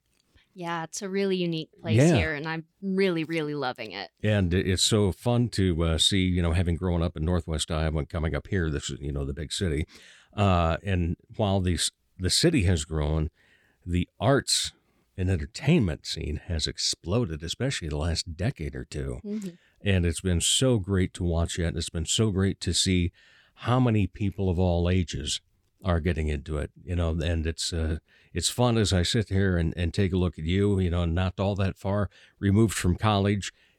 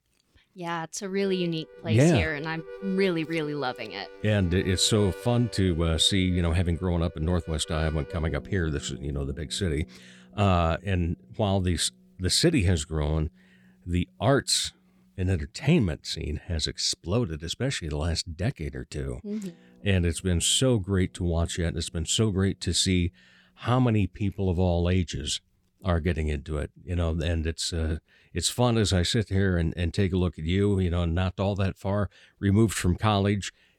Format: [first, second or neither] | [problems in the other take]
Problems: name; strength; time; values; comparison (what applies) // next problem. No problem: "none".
first | background music; faint; throughout; 20 dB below the speech